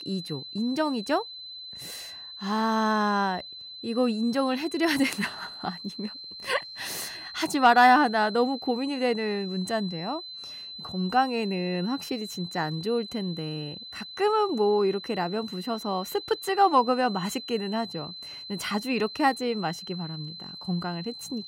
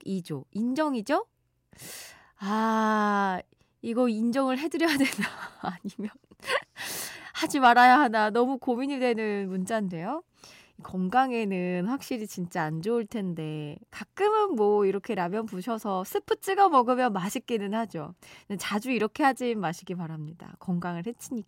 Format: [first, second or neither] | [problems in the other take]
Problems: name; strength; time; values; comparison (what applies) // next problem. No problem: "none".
second | high-pitched whine; noticeable; throughout; 4 kHz, 10 dB below the speech